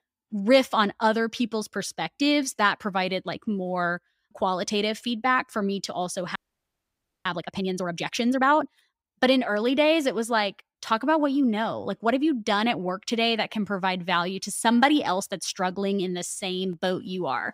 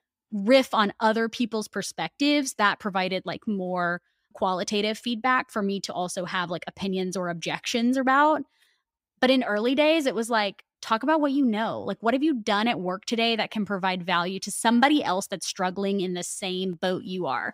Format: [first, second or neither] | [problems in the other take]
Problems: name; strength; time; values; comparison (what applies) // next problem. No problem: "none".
second | audio freezing; at 6.5 s for 1 s